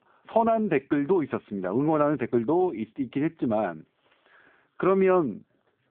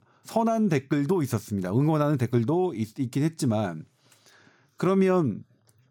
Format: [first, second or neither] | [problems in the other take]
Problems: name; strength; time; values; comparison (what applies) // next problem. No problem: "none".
second | phone-call audio